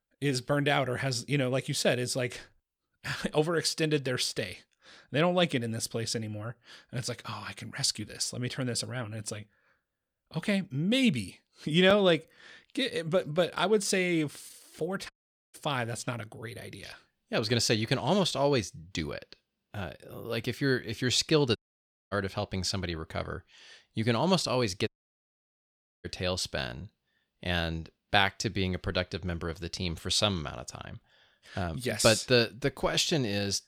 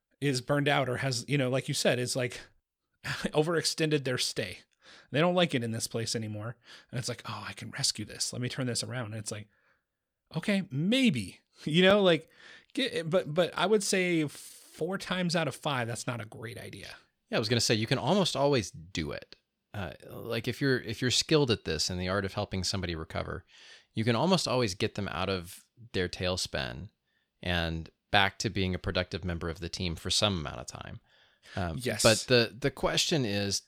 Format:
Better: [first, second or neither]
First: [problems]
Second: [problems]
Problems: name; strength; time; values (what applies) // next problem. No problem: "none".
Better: second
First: audio cutting out; at 15 s, at 22 s for 0.5 s and at 25 s for 1 s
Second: none